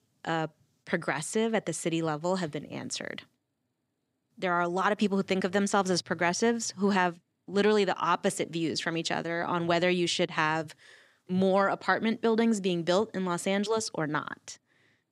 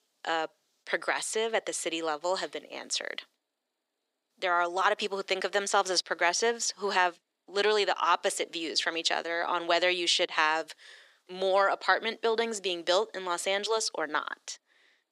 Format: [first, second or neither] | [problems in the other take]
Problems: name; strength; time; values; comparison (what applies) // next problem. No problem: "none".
first | thin; very; fading below 450 Hz